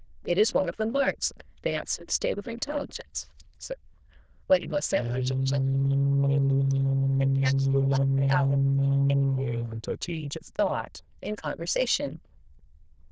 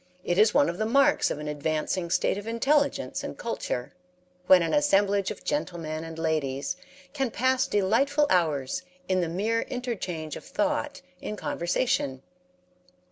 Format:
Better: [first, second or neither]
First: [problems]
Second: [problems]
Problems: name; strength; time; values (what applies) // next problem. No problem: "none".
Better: second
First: noise reduction (neural diffusion model UNIVERSE++)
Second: none